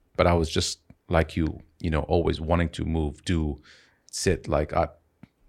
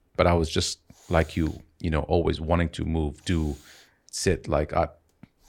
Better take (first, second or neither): first